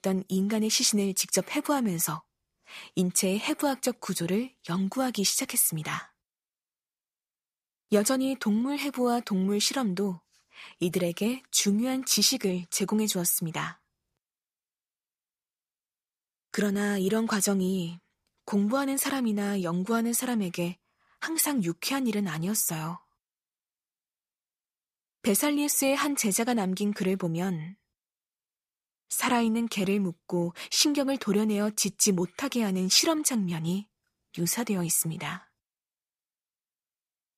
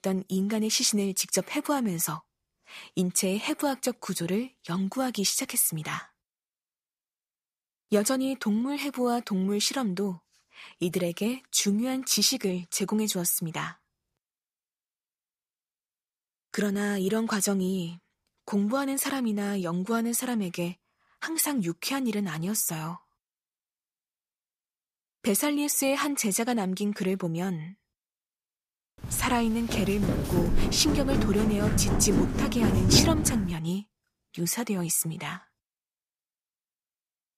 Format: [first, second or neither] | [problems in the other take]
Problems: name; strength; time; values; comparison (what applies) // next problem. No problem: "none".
first | footsteps; loud; from 29 to 34 s; peak 4 dB above the speech